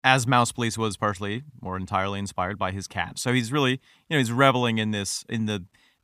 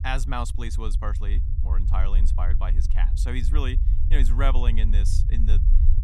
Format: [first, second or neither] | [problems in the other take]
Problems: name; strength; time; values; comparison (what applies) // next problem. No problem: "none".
first | low rumble; loud; throughout; 10 dB below the speech